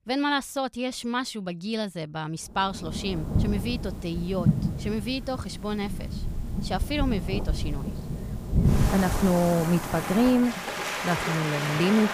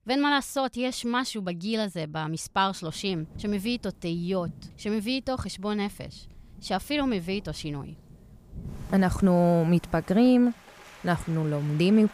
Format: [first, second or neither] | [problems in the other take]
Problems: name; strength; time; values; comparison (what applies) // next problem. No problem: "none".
second | rain or running water; loud; from 3 s on; 2 dB below the speech; faint in the second